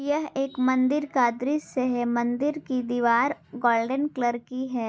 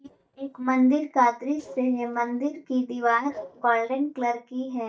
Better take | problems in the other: first | noise reduction (neural mask model DeepFilterNet 3)

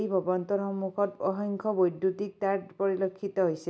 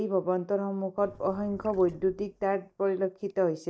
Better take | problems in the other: first | noise reduction (neural mask model DeepFilterNet 3)

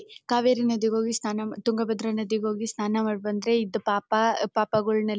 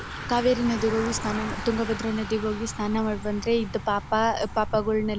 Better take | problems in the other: first | background sound (Bicycle); 9 dB below the speech

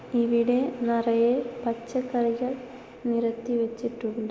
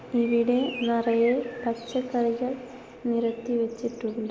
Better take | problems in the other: first | background sound (Bird); 19 dB below the speech

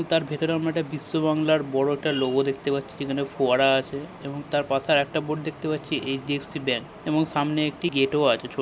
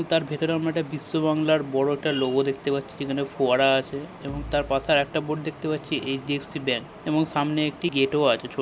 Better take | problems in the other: first | background sound (Bass drum); 16 dB below the speech

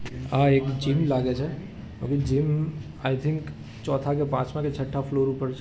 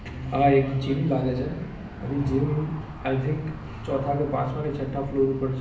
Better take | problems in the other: first | background sound (Aircraft); 15 dB below the speech // room echo; dies away in 0.8 s

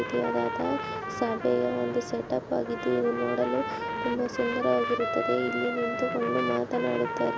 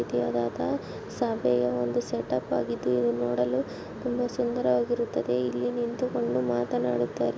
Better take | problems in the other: second | background sound (Trumpet); 6 dB below the speech

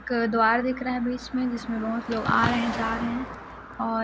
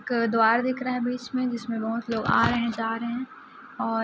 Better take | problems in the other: second | background sound (Car passing by); 12 dB below the speech

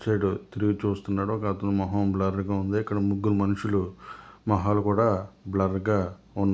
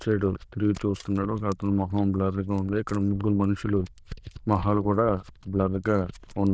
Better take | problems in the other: first | noise reduction (neural diffusion model UNIVERSE++)

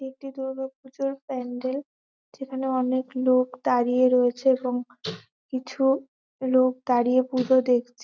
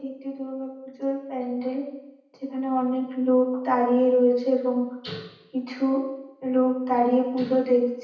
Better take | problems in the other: first | room echo; dies away in 0.9 s

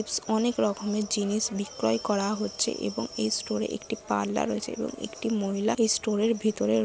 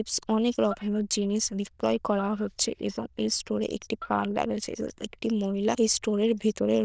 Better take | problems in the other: first | noise reduction (neural diffusion model UNIVERSE++)

